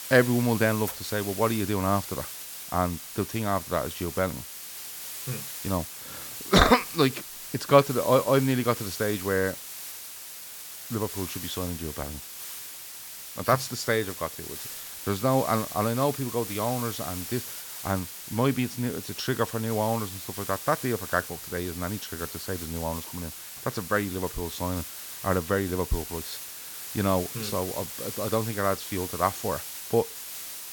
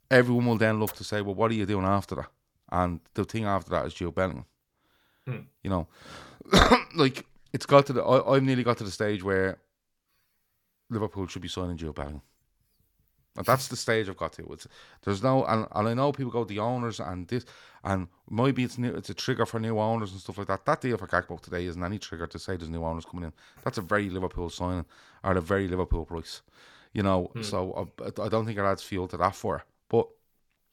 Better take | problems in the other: second | hiss; loud; throughout; 8 dB below the speech

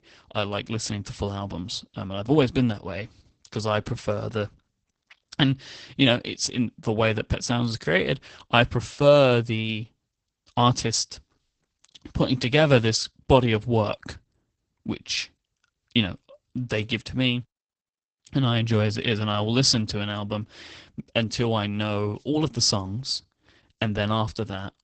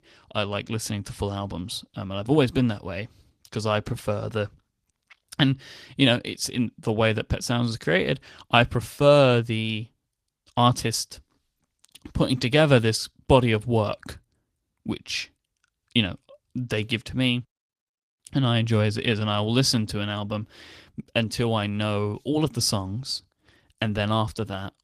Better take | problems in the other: second | garbled, watery; badly; nothing above 8 kHz; slightly in the second

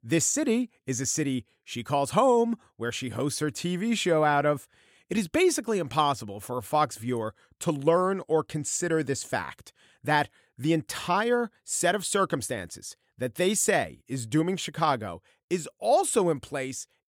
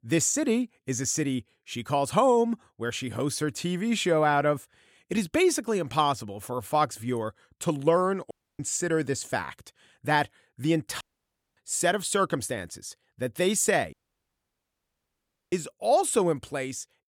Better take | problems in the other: first | audio cutting out; at 8.5 s, at 11 s for 0.5 s and at 14 s for 1.5 s

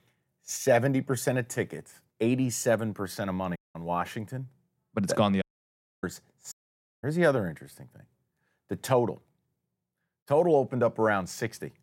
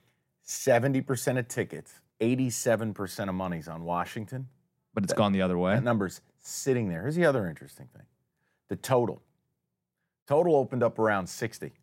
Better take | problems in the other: second | audio cutting out; at 3.5 s, at 5.5 s for 0.5 s and at 6.5 s for 0.5 s

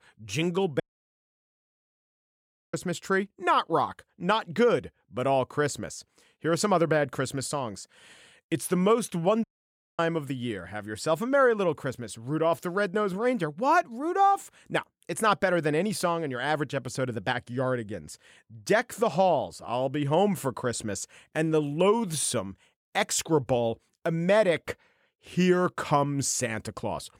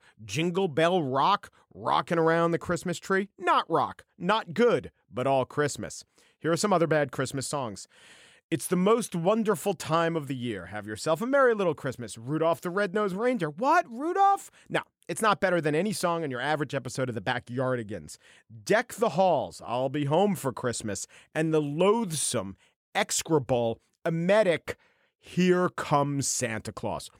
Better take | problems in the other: second | audio cutting out; at 1 s for 2 s and at 9.5 s for 0.5 s

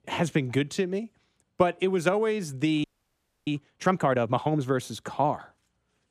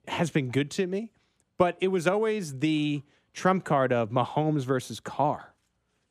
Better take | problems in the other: second | audio freezing; at 3 s for 0.5 s

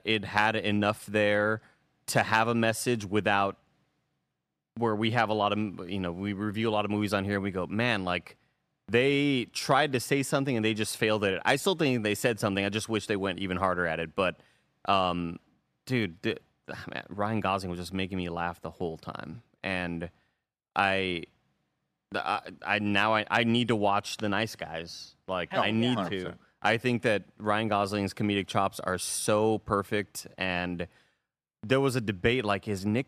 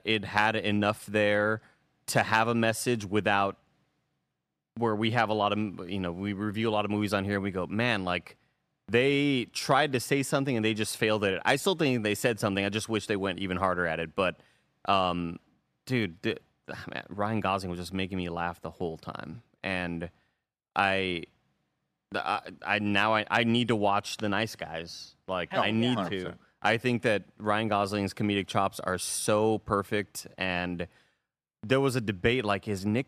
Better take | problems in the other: neither | none

